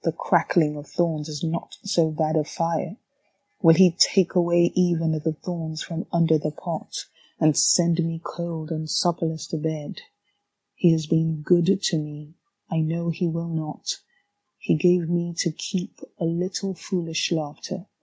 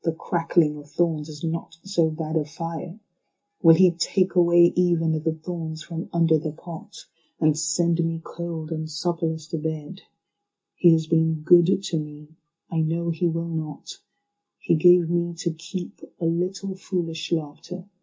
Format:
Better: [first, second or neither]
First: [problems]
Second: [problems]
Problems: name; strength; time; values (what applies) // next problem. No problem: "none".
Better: first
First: none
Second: room echo; dies away in 0.2 s